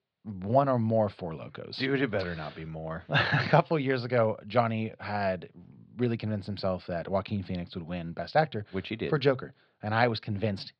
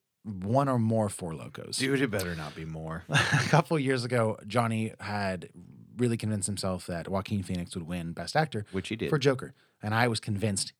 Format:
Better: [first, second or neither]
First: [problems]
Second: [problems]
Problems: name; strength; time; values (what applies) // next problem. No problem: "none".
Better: second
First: muffled; very slightly; fading above 4.5 kHz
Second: none